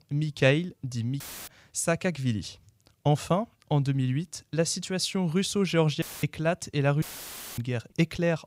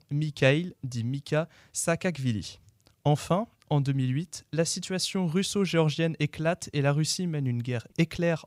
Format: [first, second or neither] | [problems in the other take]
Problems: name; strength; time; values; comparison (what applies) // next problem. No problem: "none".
second | audio cutting out; filled with static; at 1 s, at 6 s and at 7 s for 0.5 s